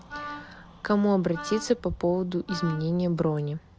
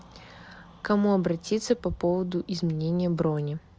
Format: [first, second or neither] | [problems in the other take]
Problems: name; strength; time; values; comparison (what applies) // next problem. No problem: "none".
second | background sound (Wind instrument, woodwind instrument); 14 dB below the speech